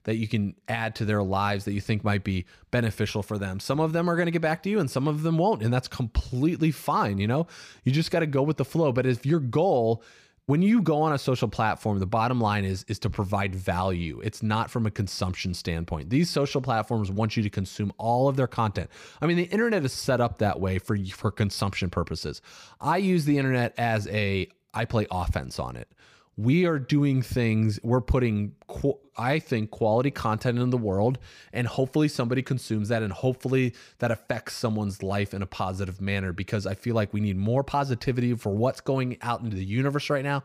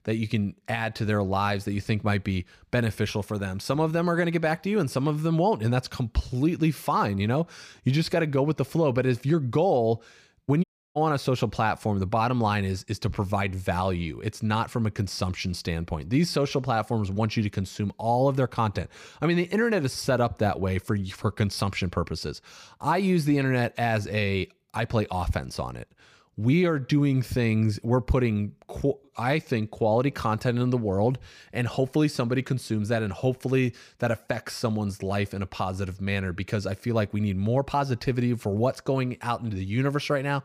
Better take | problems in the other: first | audio cutting out; at 11 s

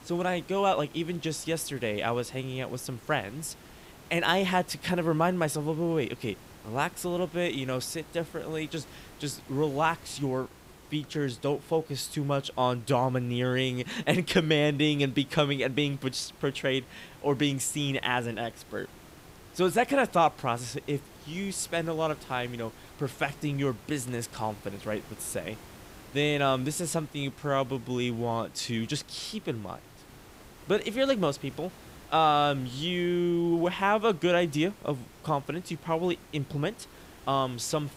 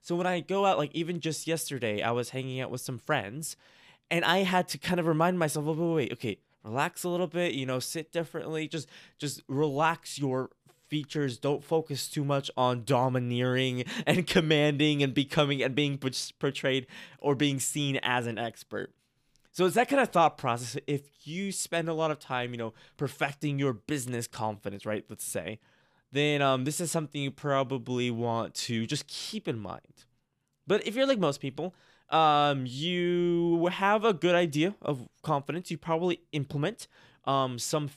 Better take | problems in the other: second | hiss; faint; throughout; 20 dB below the speech

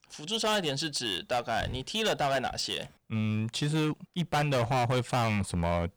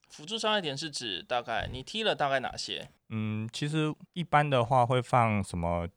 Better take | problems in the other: second | distortion; heavy; 14% of the sound clipped

